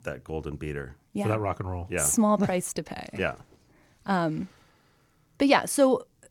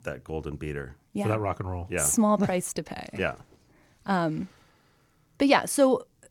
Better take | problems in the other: neither | none

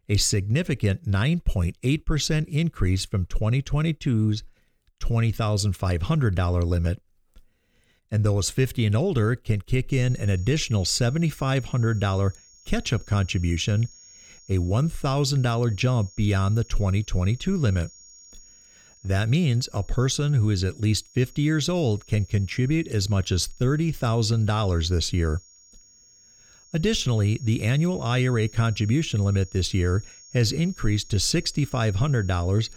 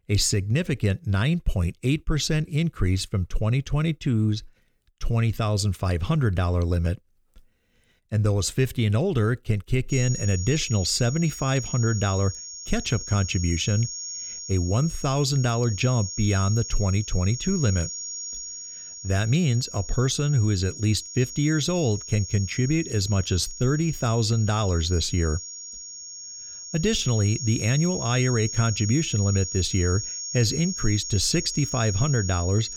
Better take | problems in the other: first | high-pitched whine; loud; from 10 s on; 6.5 kHz, 8 dB below the speech; faint in the first

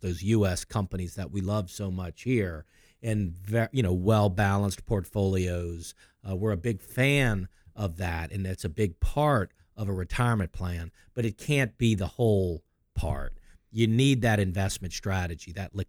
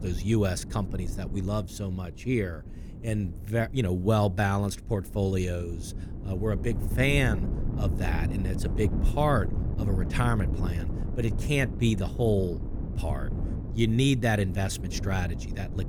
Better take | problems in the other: first | wind noise on the microphone; occasional gusts; 10 dB below the speech

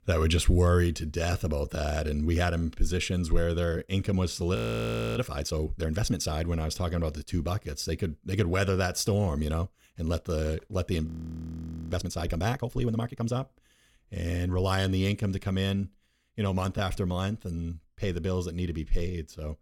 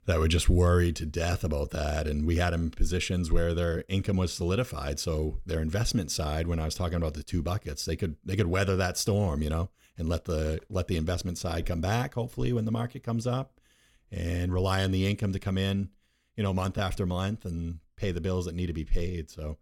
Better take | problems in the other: second | audio freezing; at 4.5 s for 0.5 s and at 11 s for 1 s

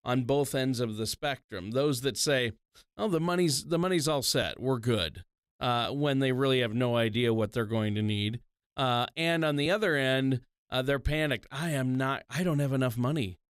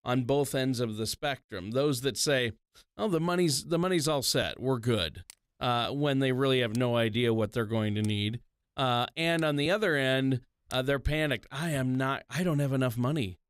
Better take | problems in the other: first | household noises; faint; from 3 s on; 25 dB below the speech

